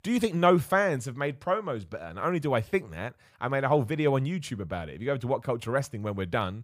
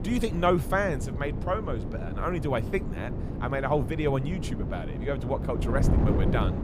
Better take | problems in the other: first | wind noise on the microphone; heavy; 8 dB below the speech

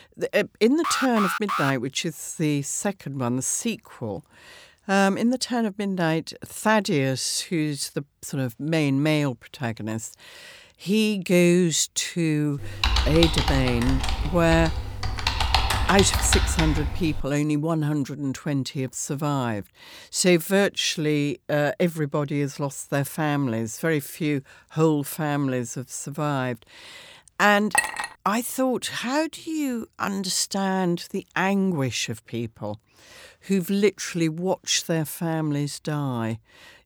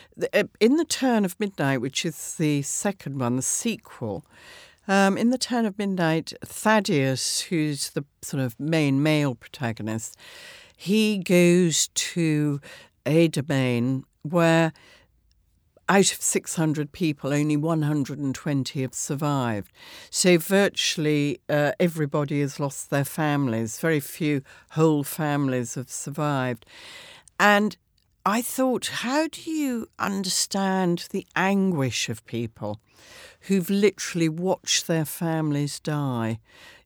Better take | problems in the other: second | alarm; noticeable; at 1 s; peak 1 dB below the speech // keyboard typing; loud; from 13 to 17 s; peak 2 dB above the speech // clattering dishes; loud; at 28 s; peak 2 dB above the speech

